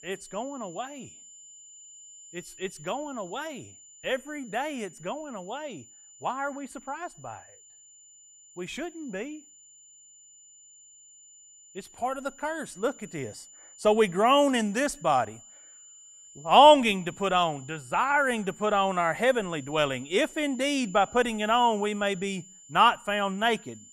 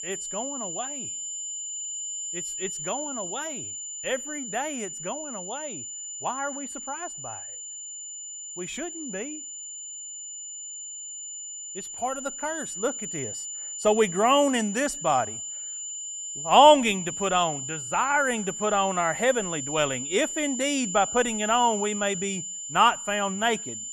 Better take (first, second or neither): first